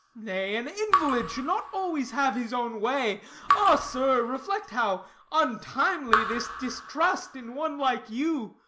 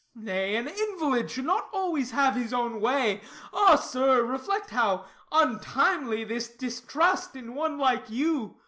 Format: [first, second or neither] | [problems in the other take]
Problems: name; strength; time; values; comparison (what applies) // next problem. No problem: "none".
second | background sound (Raindrop / Drip); 5 dB below the speech